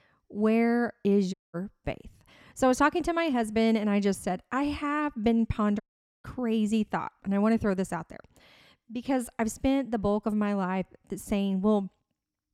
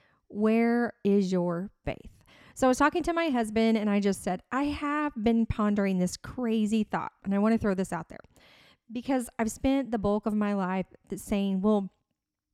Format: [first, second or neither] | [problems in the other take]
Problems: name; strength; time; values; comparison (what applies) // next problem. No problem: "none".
second | audio cutting out; at 1.5 s and at 6 s